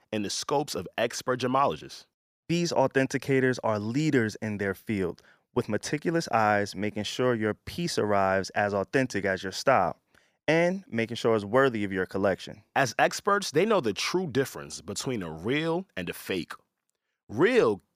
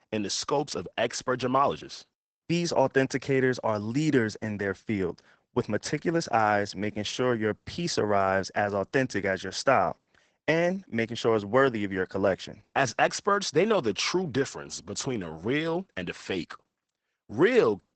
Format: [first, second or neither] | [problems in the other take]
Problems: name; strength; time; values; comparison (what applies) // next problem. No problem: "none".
first | garbled, watery; badly; nothing above 8 kHz